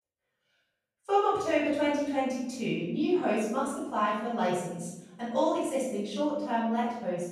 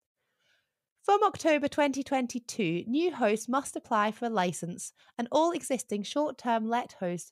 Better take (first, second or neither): second